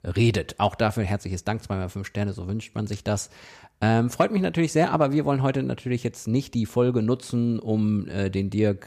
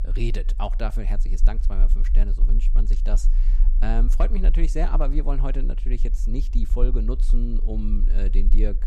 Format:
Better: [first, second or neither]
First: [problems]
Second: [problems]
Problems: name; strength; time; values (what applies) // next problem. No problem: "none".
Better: first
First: none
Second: low rumble; noticeable; throughout; 15 dB below the speech